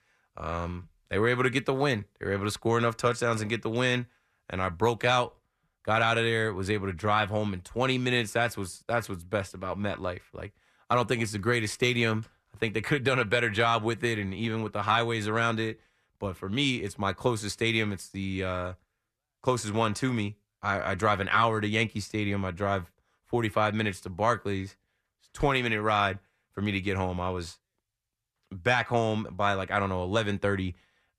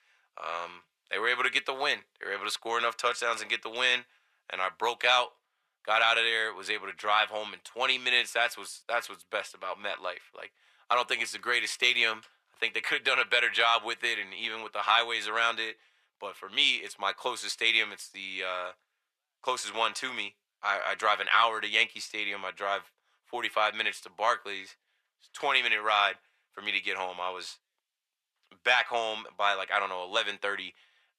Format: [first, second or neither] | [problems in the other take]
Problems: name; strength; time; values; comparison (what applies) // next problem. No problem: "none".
first | thin; very; fading below 750 Hz